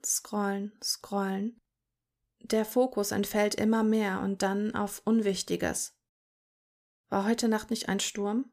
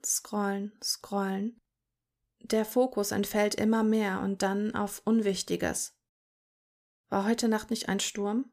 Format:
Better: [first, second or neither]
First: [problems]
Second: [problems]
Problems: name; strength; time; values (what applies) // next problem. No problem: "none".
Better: neither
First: none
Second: none